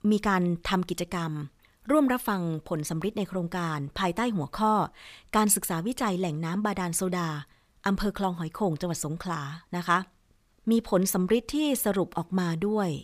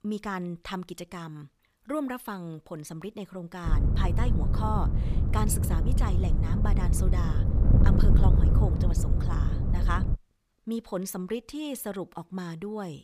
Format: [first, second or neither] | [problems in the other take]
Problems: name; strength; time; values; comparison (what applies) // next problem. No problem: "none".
first | wind noise on the microphone; heavy; from 3.5 to 10 s; 2 dB below the speech